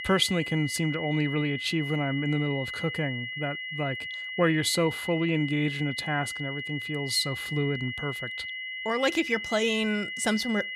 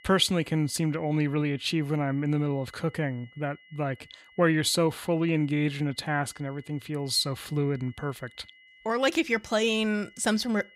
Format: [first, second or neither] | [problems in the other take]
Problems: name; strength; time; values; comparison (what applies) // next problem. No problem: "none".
second | high-pitched whine; loud; throughout; 2 kHz, 5 dB below the speech; faint in the second